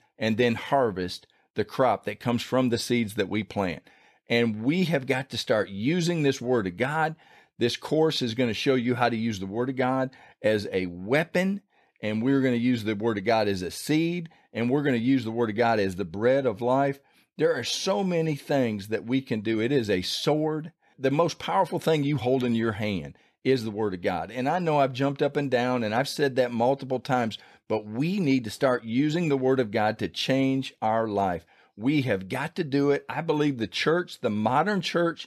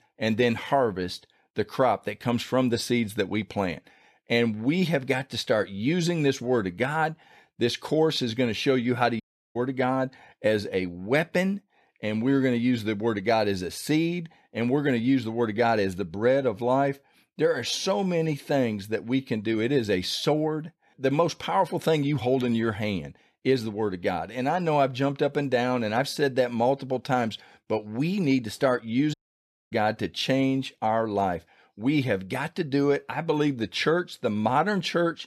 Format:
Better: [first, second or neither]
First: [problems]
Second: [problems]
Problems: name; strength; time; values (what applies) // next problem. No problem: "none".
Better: first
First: none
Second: audio cutting out; at 9 s and at 29 s for 0.5 s